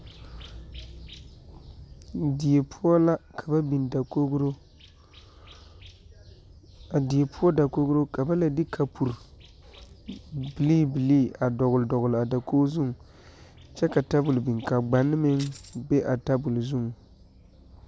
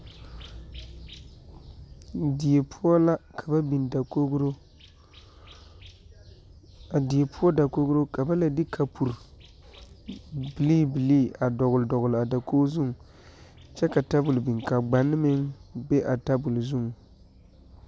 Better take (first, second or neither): second